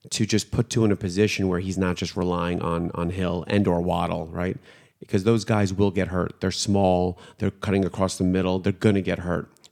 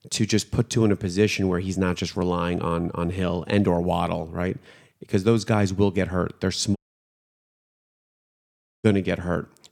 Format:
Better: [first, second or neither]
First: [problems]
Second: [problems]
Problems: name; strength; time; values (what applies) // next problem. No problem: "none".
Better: first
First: none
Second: audio cutting out; at 7 s for 2 s